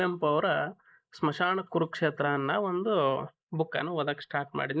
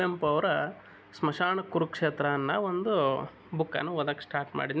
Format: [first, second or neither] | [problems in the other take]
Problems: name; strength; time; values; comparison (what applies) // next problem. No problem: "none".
second | noise reduction (neural mask model Resemble Enhance denoiser)